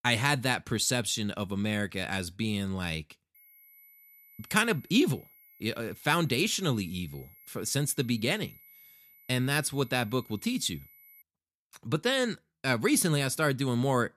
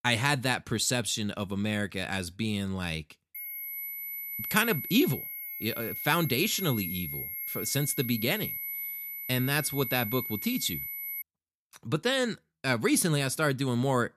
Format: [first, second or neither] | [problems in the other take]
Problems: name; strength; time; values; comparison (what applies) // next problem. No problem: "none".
first | high-pitched whine; loud; from 3.5 to 11 s; 12 kHz, 6 dB below the speech; faint in the first